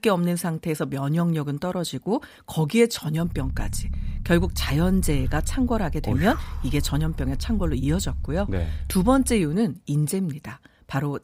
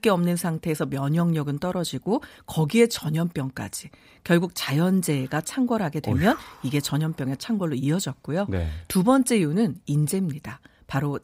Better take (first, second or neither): second